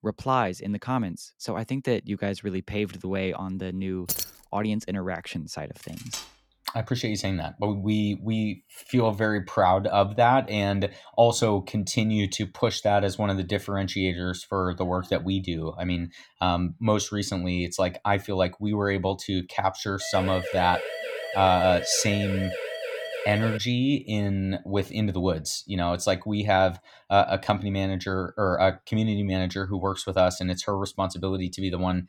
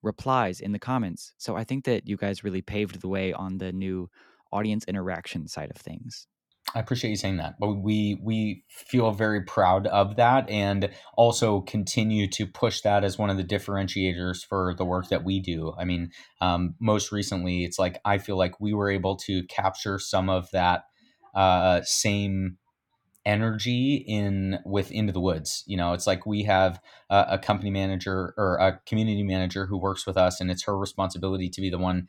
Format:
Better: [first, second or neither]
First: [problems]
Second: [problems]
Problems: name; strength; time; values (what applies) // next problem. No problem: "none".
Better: second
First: jangling keys; noticeable; at 4 s; peak 3 dB below the speech // clattering dishes; faint; at 6 s; peak 10 dB below the speech // siren; noticeable; from 20 to 24 s; peak 6 dB below the speech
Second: none